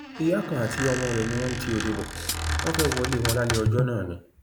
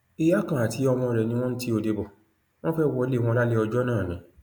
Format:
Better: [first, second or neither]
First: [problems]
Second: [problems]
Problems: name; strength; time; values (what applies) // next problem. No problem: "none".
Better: second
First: background sound (Hi-hat + Squeak); 2 dB below the speech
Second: none